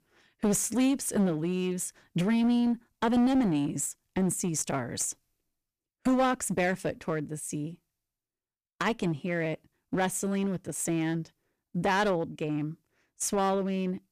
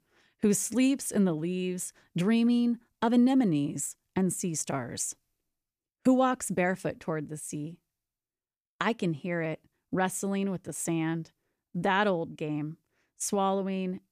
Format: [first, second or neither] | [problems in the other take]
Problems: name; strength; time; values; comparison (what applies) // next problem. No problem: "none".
second | distortion; slight; 8% of the sound clipped